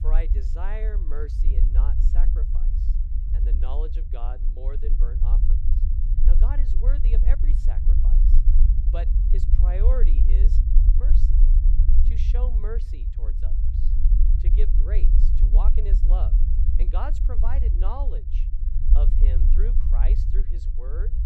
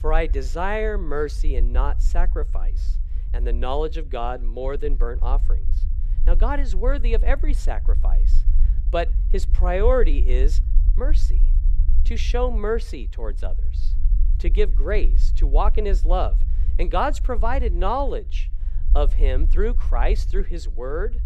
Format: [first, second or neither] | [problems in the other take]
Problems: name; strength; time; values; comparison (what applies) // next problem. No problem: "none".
second | low rumble; loud; throughout; 4 dB below the speech; faint in the second